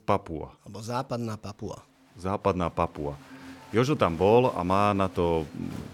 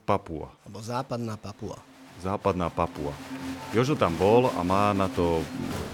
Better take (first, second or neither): first